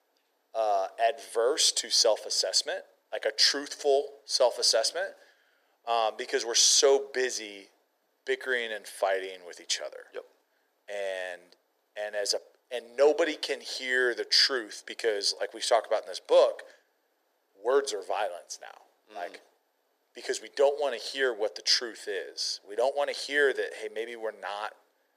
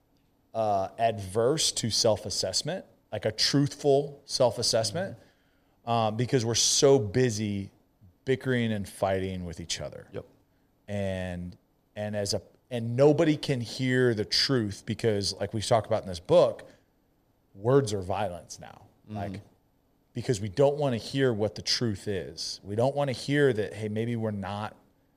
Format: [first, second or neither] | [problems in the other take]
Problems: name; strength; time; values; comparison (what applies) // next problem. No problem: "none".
second | thin; very; fading below 400 Hz